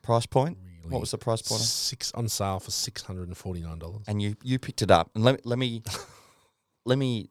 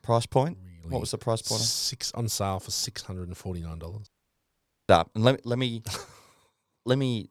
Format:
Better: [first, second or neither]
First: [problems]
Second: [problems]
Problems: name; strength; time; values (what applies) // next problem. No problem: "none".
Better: first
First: none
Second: audio cutting out; at 4 s for 1 s